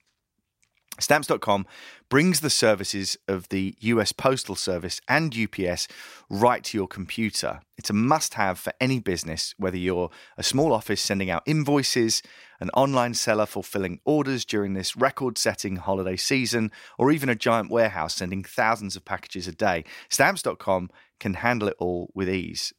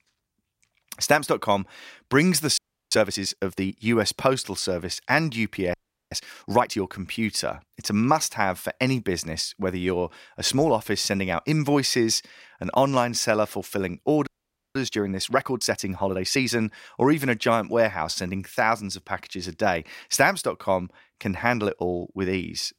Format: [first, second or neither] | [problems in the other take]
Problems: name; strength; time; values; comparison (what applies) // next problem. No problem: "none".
first | audio freezing; at 2.5 s, at 5.5 s and at 14 s